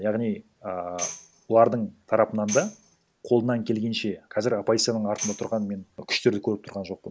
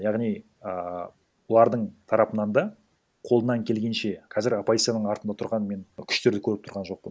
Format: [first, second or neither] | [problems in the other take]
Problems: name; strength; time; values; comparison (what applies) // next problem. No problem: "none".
second | background sound (Tambourine); 14 dB below the speech